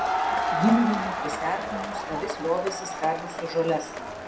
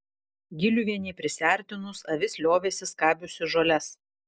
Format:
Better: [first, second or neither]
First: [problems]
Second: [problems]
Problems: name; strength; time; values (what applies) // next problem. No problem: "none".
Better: second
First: background sound (Crowd); 2 dB below the speech // room echo; dies away in 0.4 s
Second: none